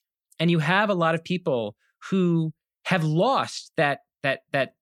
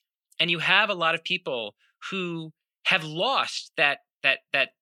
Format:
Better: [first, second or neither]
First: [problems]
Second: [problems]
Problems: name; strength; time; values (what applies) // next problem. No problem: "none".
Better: first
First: none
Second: thin; somewhat; fading below 550 Hz